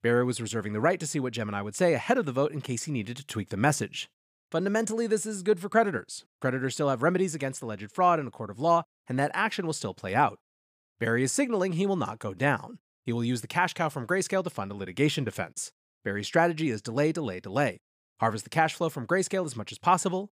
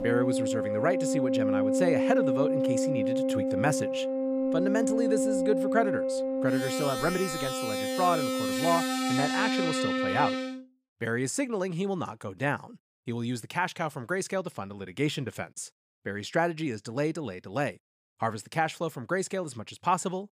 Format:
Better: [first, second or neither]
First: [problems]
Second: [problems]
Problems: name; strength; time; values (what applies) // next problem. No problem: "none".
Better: first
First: none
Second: background music; very loud; until 10 s; 3 dB above the speech